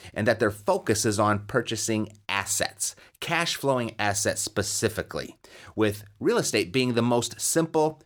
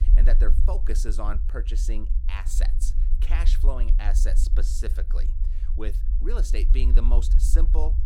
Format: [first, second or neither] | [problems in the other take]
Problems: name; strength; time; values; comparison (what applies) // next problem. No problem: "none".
first | low rumble; loud; throughout; 10 dB below the speech